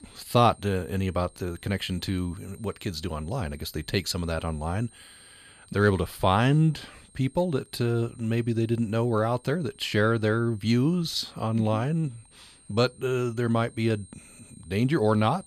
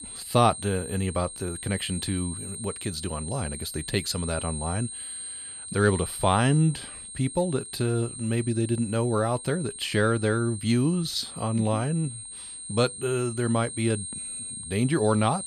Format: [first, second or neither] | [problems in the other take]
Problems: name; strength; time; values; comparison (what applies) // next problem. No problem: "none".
first | high-pitched whine; loud; throughout; 8.5 kHz, 9 dB below the speech; faint in the first